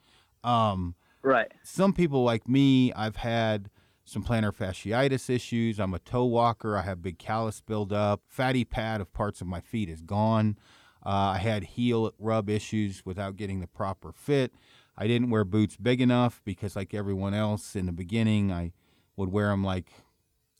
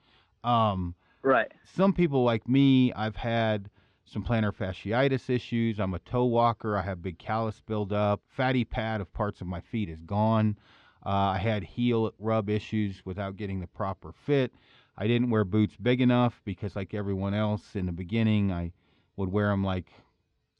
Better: first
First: none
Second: muffled; very slightly; fading above 4 kHz

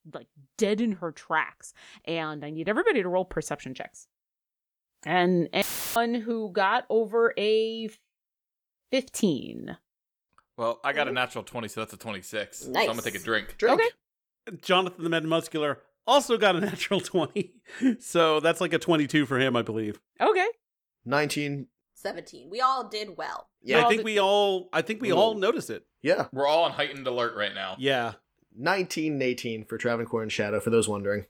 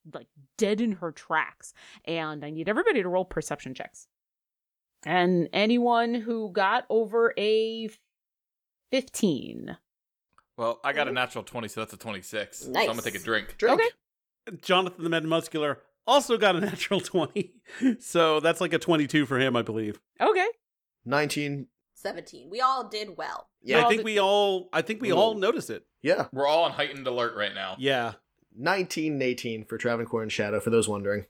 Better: second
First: audio cutting out; filled with static; at 5.5 s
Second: none

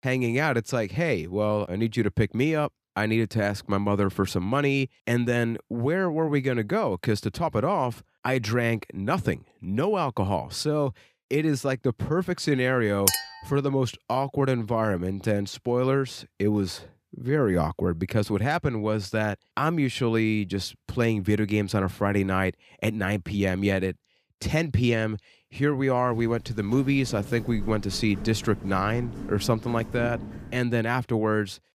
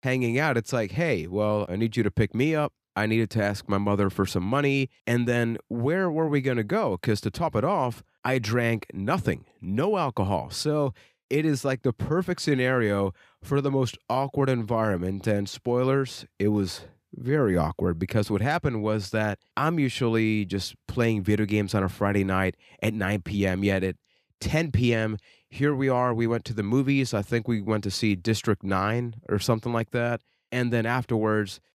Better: second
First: clattering dishes; loud; at 13 s; peak 3 dB above the speech // footsteps; noticeable; from 26 to 31 s; peak 10 dB below the speech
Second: none

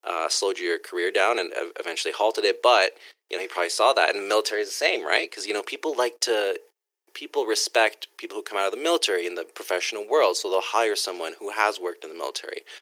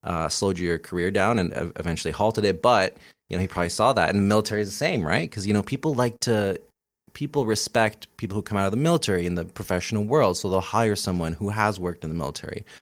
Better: second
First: thin; very; fading below 350 Hz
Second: none

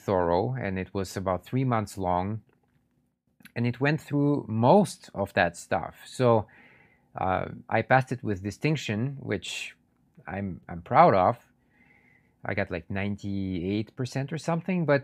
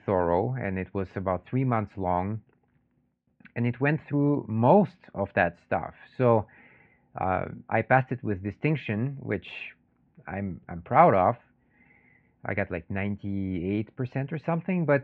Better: first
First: none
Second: muffled; very; fading above 2.5 kHz

